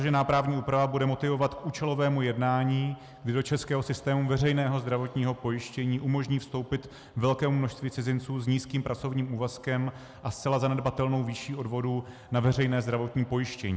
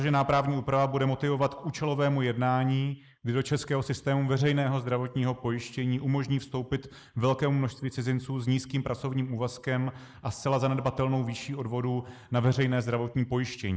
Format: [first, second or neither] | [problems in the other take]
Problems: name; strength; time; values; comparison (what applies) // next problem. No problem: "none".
first | noise reduction (neural mask model Resemble Enhance denoiser)